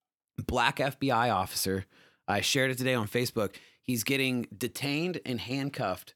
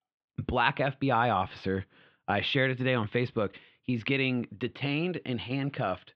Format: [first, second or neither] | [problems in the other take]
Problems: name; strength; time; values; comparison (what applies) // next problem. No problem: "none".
first | muffled; very; fading above 3.5 kHz